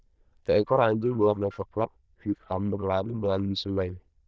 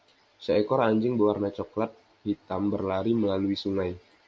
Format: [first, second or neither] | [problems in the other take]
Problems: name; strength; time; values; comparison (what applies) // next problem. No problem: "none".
second | noise reduction (neural diffusion model UNIVERSE++)